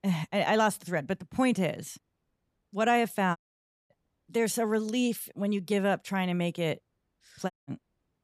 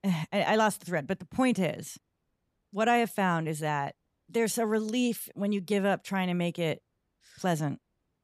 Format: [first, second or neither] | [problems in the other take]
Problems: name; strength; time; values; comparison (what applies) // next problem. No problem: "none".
second | audio cutting out; at 3.5 s for 0.5 s and at 7.5 s